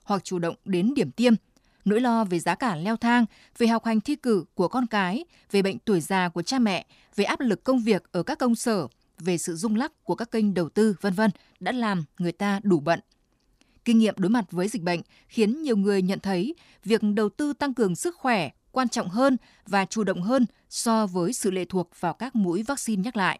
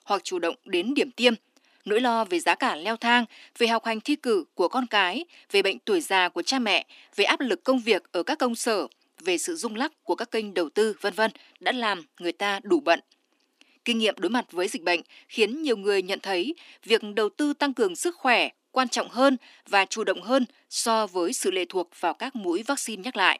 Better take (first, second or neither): first